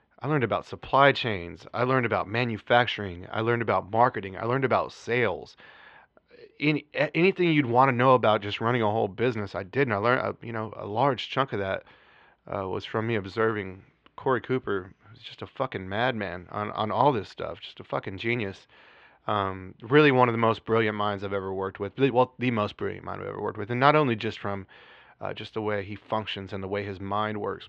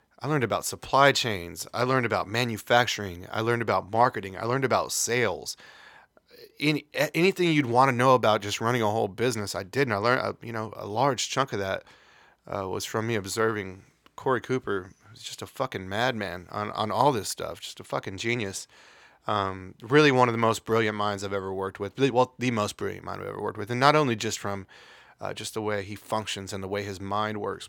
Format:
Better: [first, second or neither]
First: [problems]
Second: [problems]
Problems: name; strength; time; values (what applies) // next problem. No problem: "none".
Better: second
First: muffled; slightly; fading above 3 kHz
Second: none